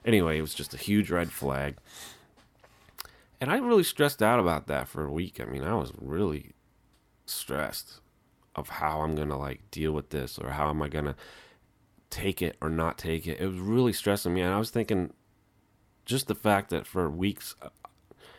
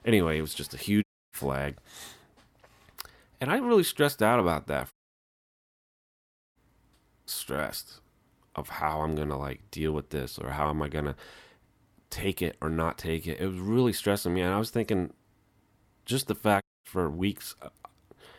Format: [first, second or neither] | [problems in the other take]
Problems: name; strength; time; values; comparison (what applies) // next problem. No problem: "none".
first | audio cutting out; at 1 s, at 5 s for 1.5 s and at 17 s